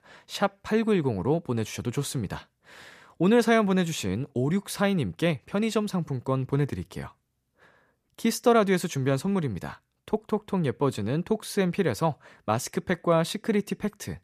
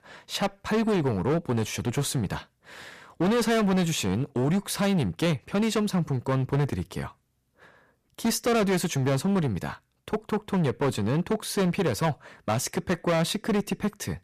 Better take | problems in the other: first | distortion; heavy; 13% of the sound clipped

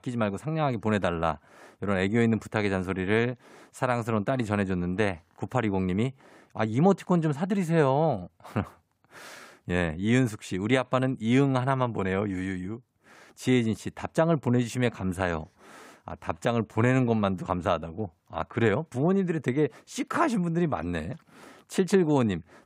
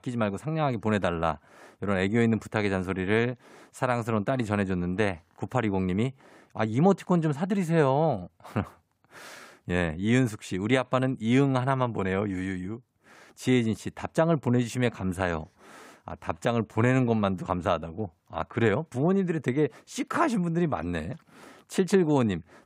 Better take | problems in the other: neither | none

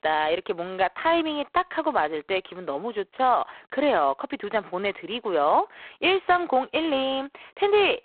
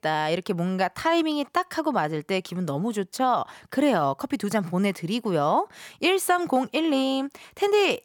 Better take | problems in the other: second | phone-call audio; poor line

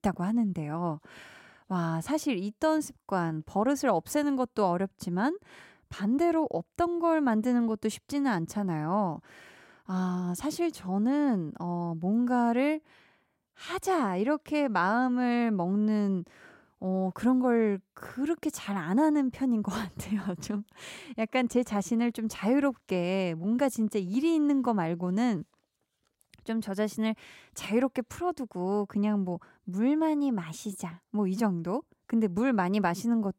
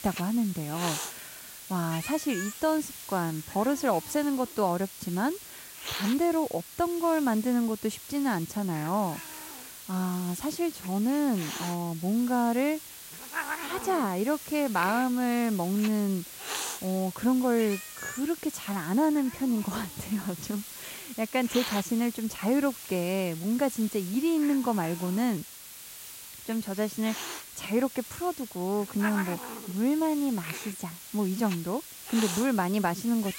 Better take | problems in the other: first | hiss; loud; throughout; 10 dB below the speech

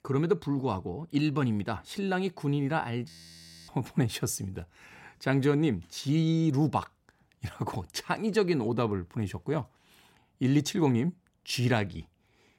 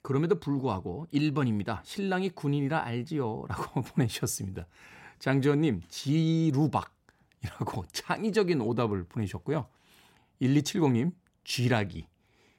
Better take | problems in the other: second | audio freezing; at 3 s for 0.5 s

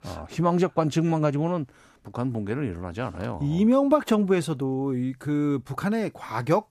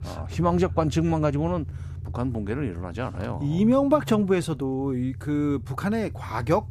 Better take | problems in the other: first | low rumble; faint; throughout; 25 dB below the speech

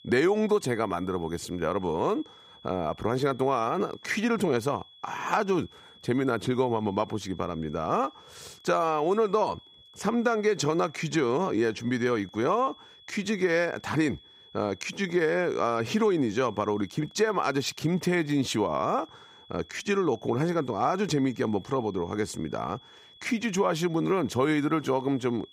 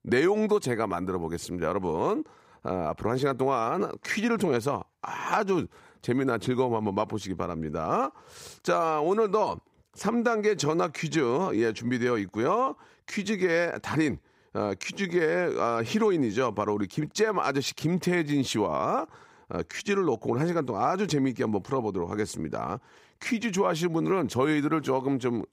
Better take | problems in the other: second | high-pitched whine; faint; throughout; 3.5 kHz, 25 dB below the speech

